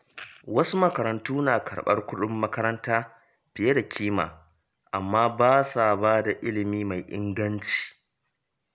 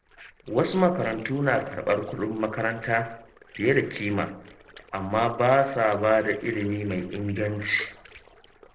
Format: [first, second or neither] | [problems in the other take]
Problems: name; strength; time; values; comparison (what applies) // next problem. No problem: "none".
first | noise reduction (neural separator model SepFormer DNS4)